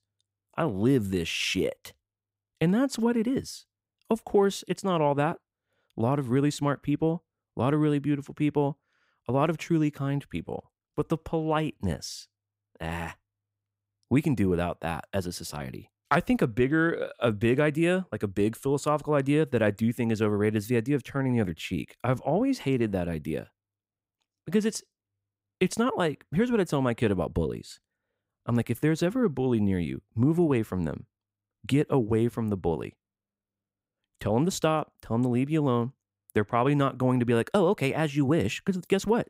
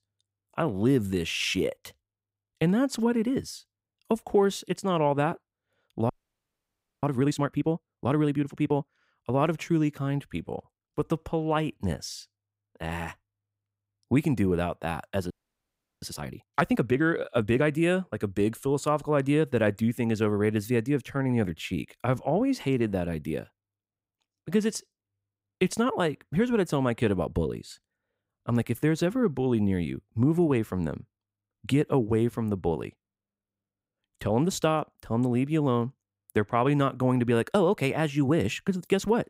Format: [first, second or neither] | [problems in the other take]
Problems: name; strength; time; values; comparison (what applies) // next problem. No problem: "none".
first | audio freezing; at 6 s for 1 s and at 15 s for 0.5 s